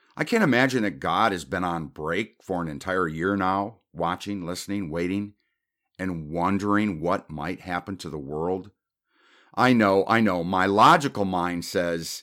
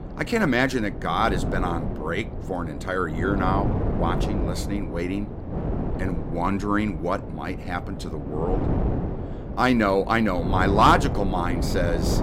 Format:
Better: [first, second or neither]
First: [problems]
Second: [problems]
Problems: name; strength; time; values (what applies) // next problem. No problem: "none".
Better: first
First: none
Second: wind noise on the microphone; heavy; 10 dB below the speech